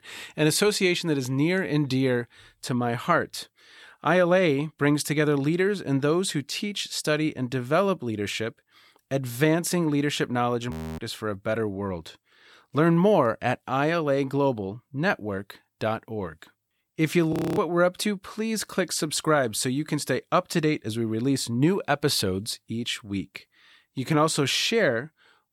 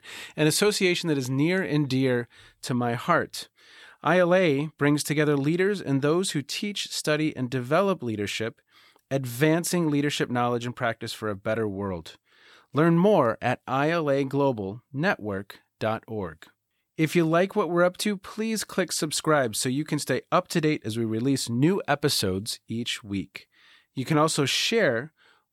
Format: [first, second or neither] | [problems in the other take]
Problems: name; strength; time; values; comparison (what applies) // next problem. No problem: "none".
second | audio freezing; at 11 s and at 17 s